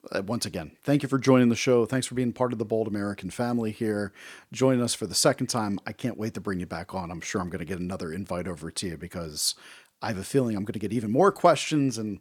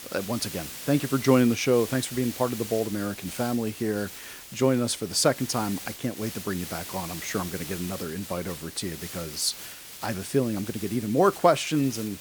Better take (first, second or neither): first